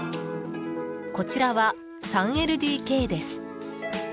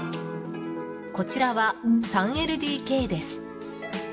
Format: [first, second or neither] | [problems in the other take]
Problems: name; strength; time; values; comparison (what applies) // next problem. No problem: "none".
first | background sound (Brass instrument); 2 dB above the speech // room echo; dies away in 0.7 s